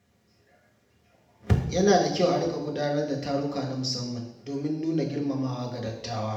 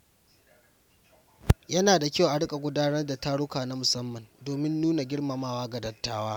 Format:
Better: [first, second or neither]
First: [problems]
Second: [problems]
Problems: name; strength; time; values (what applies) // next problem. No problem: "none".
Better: second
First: room echo; dies away in 0.8 s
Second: none